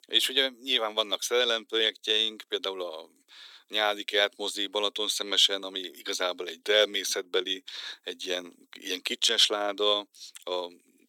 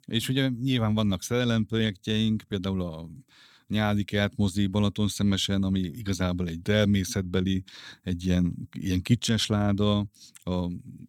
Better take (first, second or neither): second